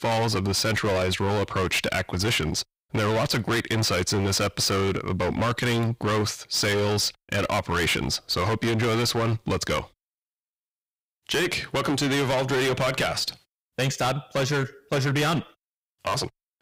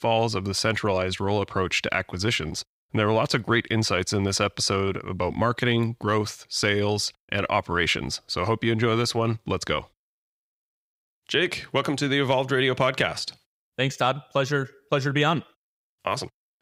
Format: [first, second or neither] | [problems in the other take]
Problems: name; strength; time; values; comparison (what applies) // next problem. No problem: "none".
second | distortion; heavy; 23% of the sound clipped